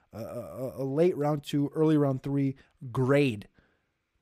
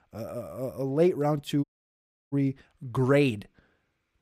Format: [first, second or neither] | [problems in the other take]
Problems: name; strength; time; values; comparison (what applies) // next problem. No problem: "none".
first | audio cutting out; at 1.5 s for 0.5 s